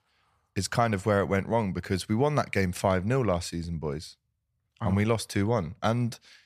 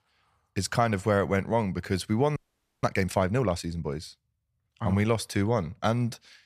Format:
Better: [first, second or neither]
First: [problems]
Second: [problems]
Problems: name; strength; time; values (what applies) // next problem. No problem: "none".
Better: first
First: none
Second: audio freezing; at 2.5 s